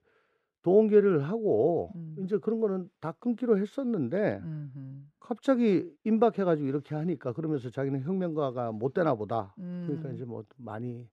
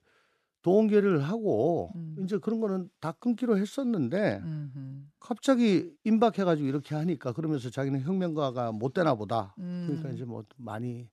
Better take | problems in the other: second | muffled; slightly; fading above 3.5 kHz

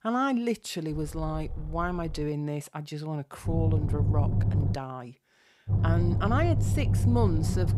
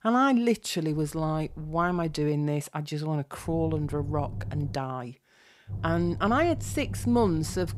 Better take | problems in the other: second | low rumble; loud; from 1 to 2 s, from 3.5 to 4.5 s and from 5.5 s on; 6 dB below the speech; faint in the second

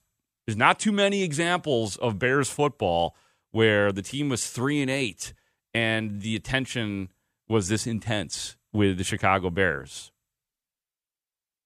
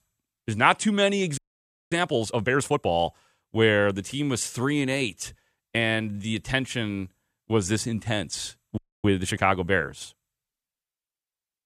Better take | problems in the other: first | audio freezing; at 1.5 s for 0.5 s and at 9 s

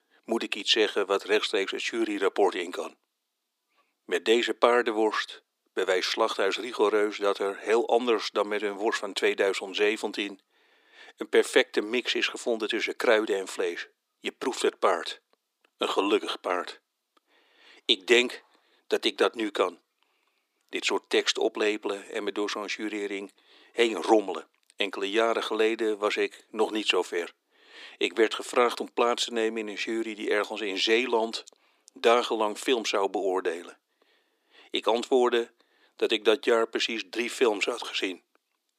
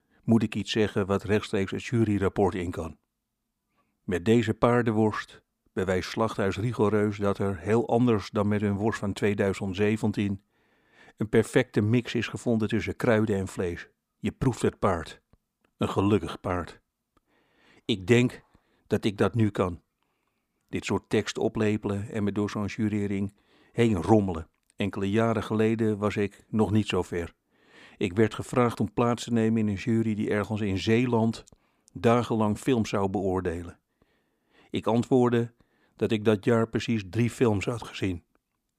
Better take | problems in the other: second | thin; very; fading below 300 Hz

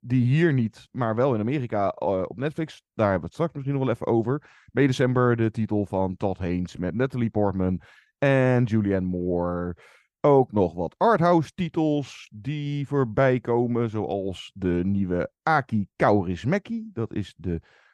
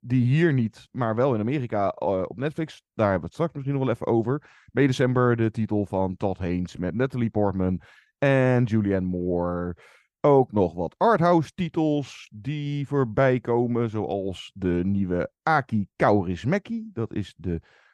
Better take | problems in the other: neither | none

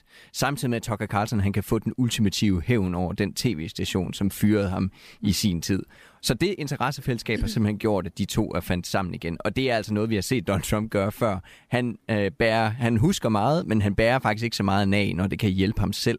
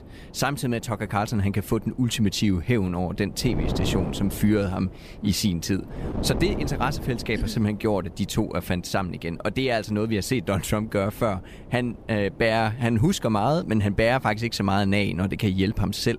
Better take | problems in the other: first | wind noise on the microphone; occasional gusts; 15 dB below the speech

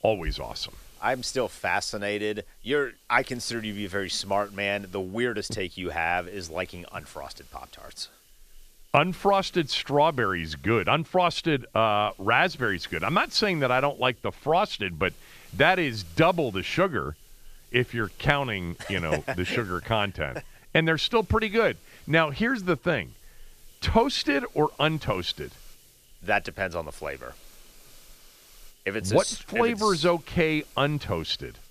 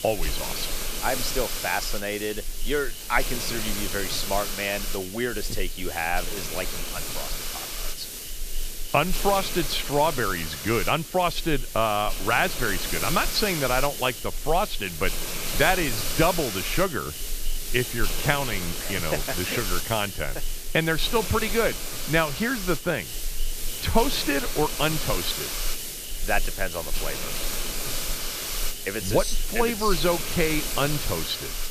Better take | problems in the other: first | hiss; loud; throughout; 4 dB below the speech; faint in the first

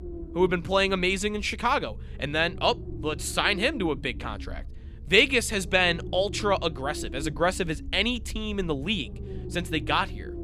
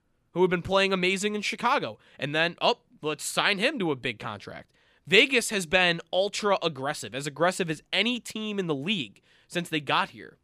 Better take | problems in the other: second | low rumble; faint; throughout; 20 dB below the speech

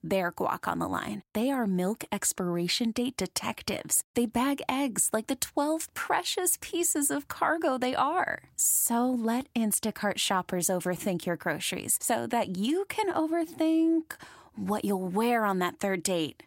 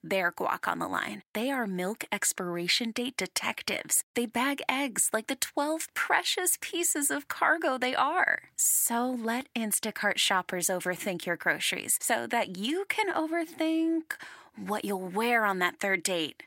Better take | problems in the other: first | thin; very slightly; fading below 600 Hz

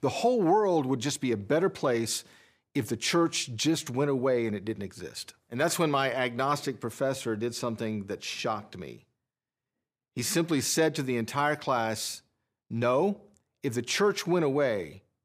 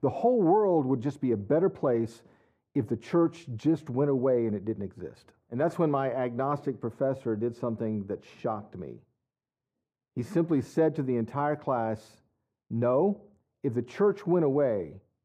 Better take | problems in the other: first | muffled; very; fading above 2 kHz

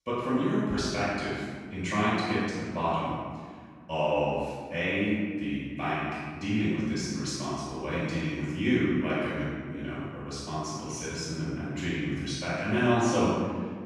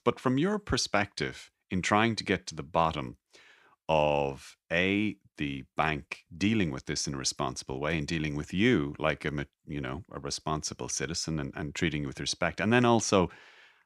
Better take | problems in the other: second | room echo; strong; dies away in 1.6 s // off-mic speech; far

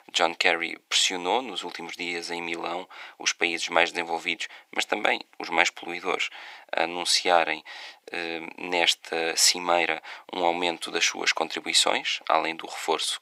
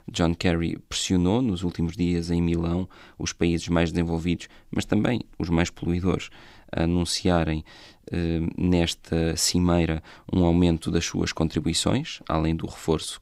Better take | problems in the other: second | thin; very; fading below 500 Hz

